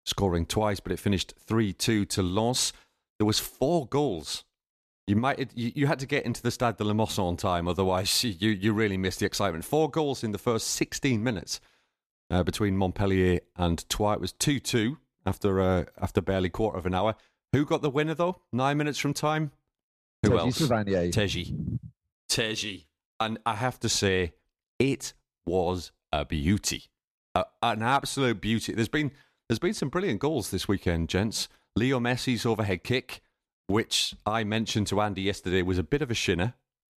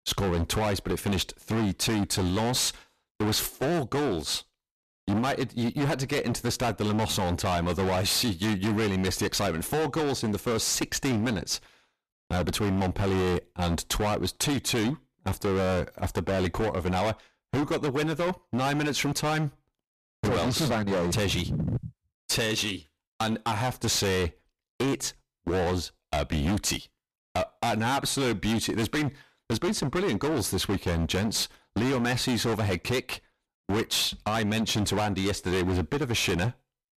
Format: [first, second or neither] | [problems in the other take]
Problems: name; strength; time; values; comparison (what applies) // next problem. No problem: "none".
first | distortion; heavy; 25% of the sound clipped